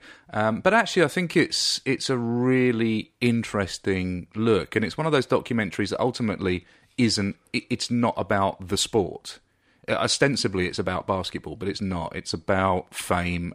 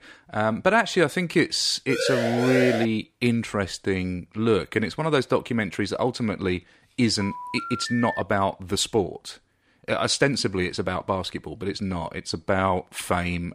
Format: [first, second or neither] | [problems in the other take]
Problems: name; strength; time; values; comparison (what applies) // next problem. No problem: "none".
first | siren; noticeable; at 2 s; peak level with the speech // phone ringing; noticeable; from 7 to 8 s; peak 7 dB below the speech